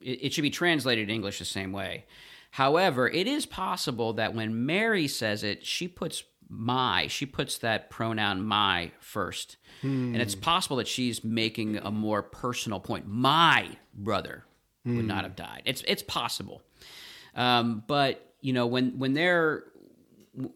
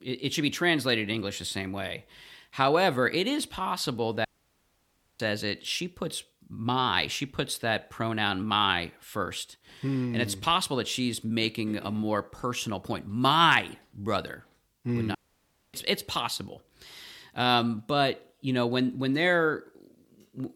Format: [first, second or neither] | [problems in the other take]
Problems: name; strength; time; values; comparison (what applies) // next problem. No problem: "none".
first | audio cutting out; at 4.5 s for 1 s and at 15 s for 0.5 s